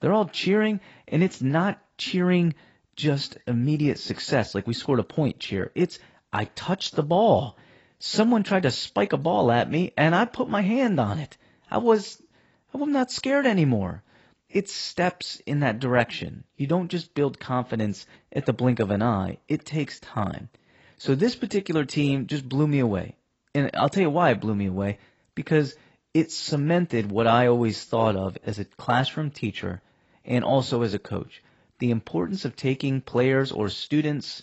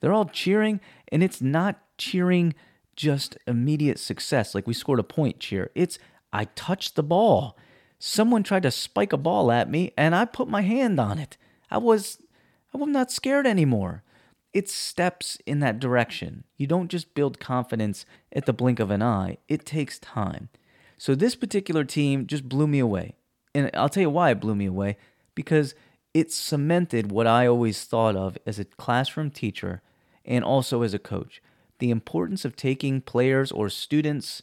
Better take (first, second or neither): second